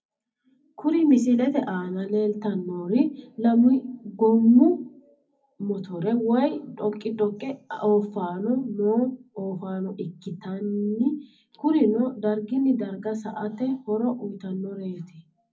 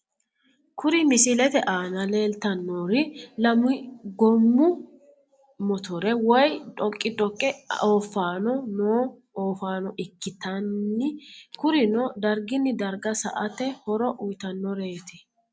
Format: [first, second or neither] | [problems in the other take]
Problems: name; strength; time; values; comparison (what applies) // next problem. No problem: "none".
second | room echo; dies away in 0.4 s